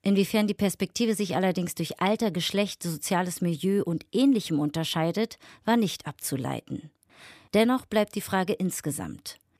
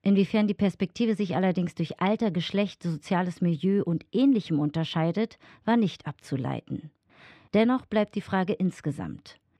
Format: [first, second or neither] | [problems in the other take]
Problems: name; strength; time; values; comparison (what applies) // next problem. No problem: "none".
first | muffled; slightly; fading above 3.5 kHz